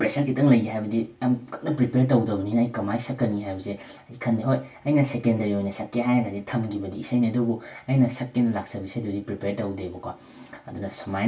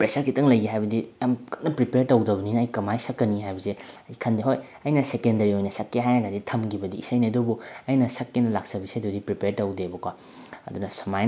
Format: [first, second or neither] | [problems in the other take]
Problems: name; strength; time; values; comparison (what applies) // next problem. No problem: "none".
second | room echo; dies away in 0.1 s